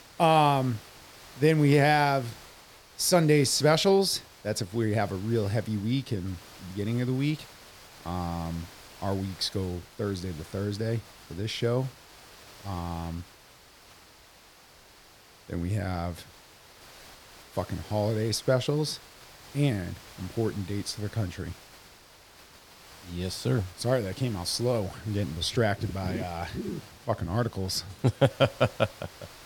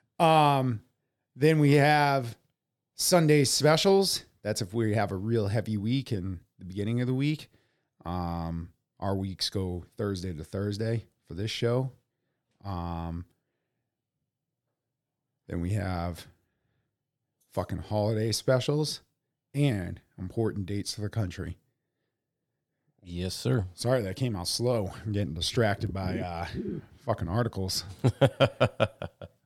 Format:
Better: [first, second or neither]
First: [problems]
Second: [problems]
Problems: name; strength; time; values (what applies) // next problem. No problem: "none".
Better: second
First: hiss; faint; throughout; 20 dB below the speech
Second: none